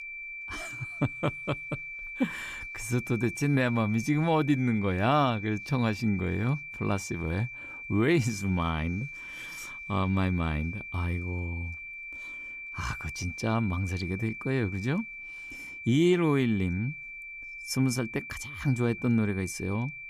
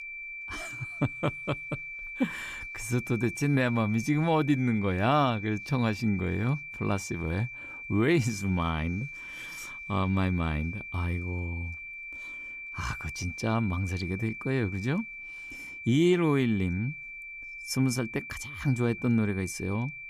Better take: neither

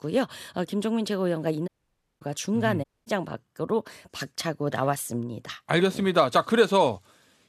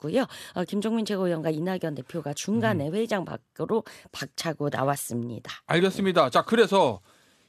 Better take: second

